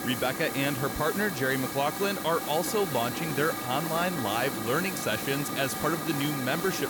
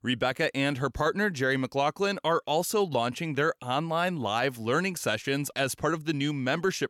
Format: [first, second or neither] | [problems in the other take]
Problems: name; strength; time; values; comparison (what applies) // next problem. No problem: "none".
second | hiss; loud; throughout; 3 dB below the speech